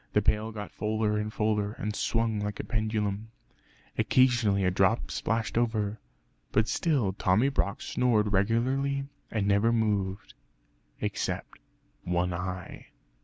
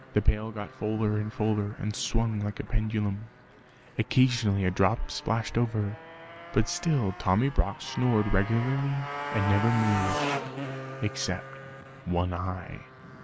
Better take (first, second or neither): first